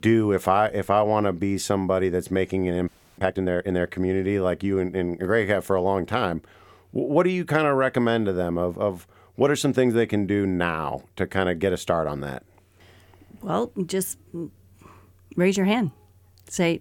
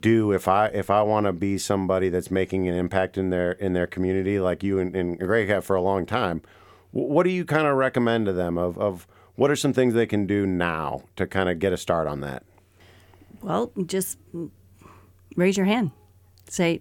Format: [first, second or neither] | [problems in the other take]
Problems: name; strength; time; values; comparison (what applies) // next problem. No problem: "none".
second | audio freezing; at 3 s